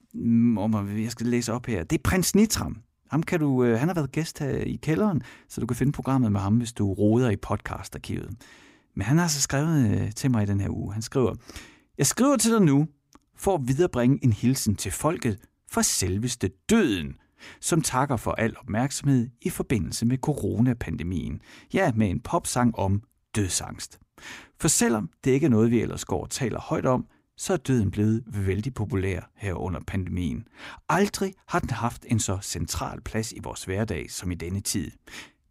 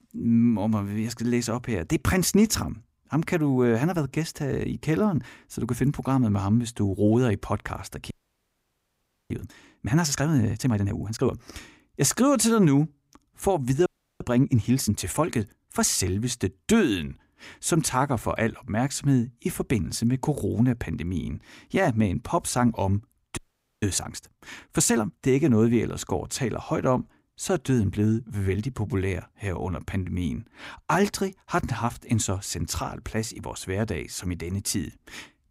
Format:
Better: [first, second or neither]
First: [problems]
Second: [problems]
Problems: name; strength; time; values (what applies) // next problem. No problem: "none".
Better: first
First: none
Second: audio freezing; at 8 s for 1 s, at 14 s and at 23 s